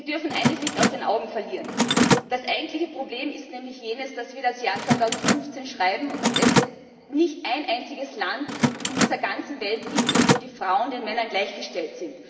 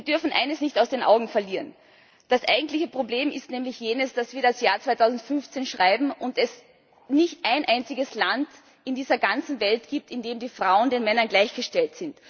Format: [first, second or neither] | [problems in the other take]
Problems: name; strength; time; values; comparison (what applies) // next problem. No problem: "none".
second | background sound (Mechanisms); 2 dB above the speech // room echo; dies away in 2.8 s